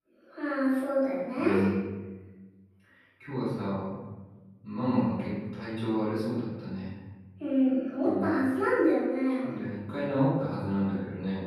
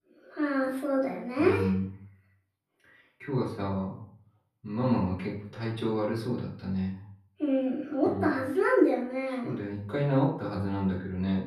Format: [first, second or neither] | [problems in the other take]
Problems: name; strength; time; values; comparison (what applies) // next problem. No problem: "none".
second | room echo; strong; dies away in 1.2 s; slight in the second // off-mic speech; far; far in the second